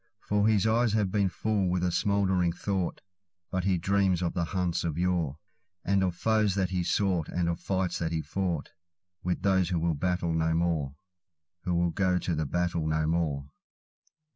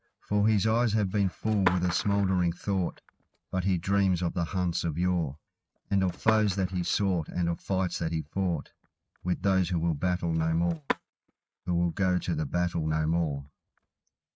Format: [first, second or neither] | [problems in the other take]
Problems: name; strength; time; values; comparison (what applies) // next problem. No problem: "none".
first | noise reduction (neural mask model RNNoise)